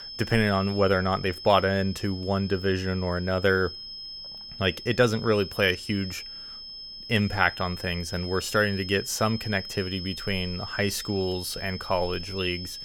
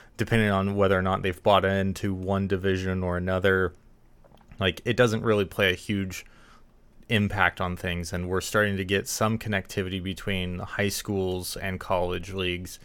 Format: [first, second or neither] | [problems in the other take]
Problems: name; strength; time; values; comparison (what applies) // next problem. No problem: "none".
second | high-pitched whine; noticeable; throughout; 5 kHz, 10 dB below the speech